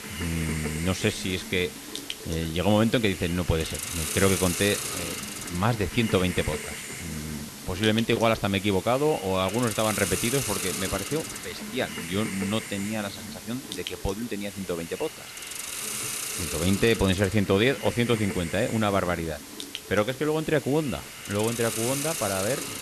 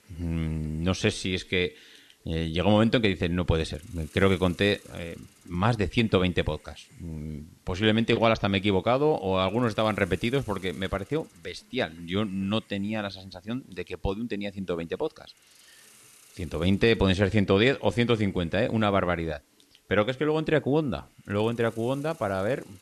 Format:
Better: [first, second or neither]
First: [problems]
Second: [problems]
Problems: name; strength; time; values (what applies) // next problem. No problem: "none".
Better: second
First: hiss; loud; throughout; 6 dB below the speech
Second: hiss; faint; throughout; 30 dB below the speech